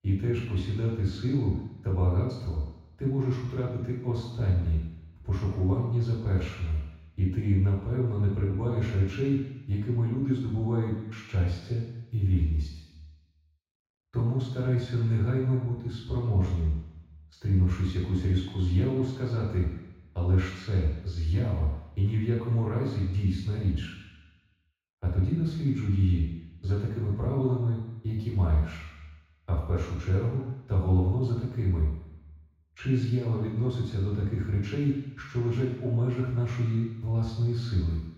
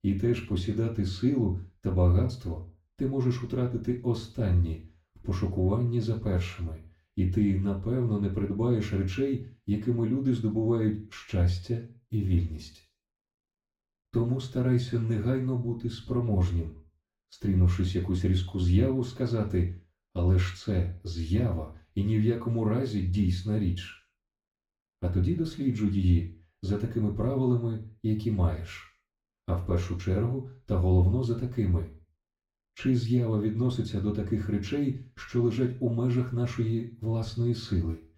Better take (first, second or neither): second